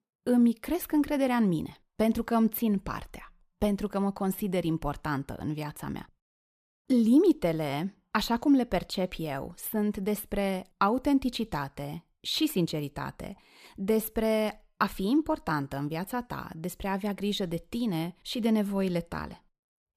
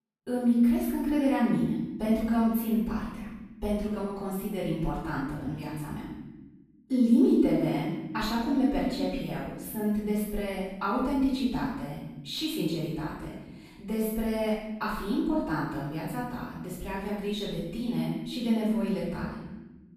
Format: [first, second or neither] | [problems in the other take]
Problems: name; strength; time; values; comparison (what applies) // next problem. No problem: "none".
first | room echo; strong; dies away in 1 s // off-mic speech; far